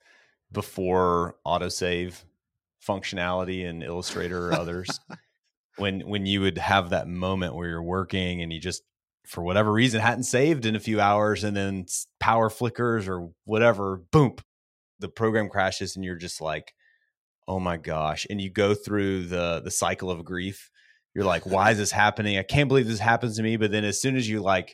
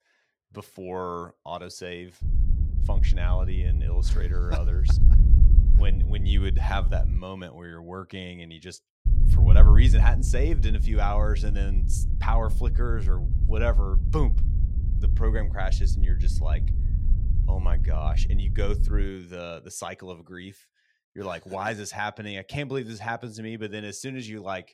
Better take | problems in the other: first | wind noise on the microphone; heavy; from 2 to 7 s and from 9 to 19 s; 9 dB below the speech

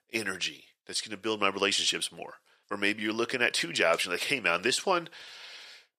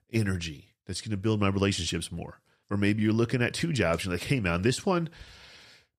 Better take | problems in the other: second | thin; very; fading below 500 Hz

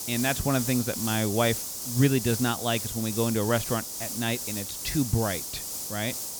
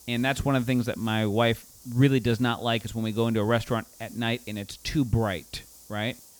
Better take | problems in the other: second | hiss; loud; throughout; 4 dB below the speech; faint in the second

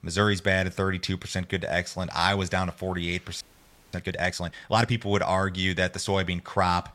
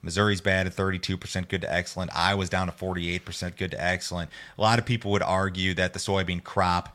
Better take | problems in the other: second | audio freezing; at 3.5 s for 0.5 s

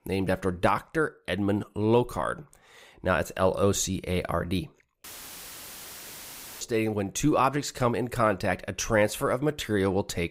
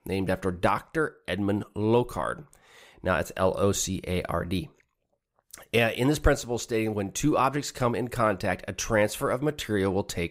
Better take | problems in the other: second | audio cutting out; filled with static; at 5 s for 1.5 s

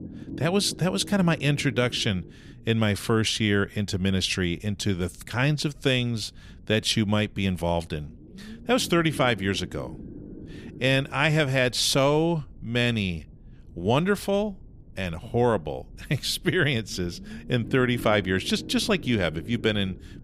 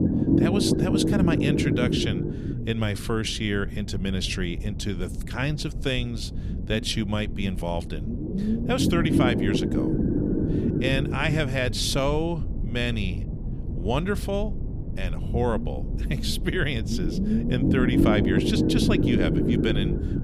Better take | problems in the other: first | low rumble; loud; throughout; 1 dB below the speech; faint in the first

